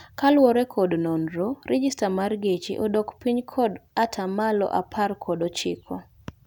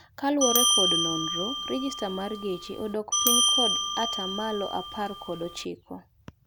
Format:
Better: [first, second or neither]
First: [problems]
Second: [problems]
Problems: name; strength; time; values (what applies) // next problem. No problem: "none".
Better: first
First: none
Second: background sound (Bell); 4 dB above the speech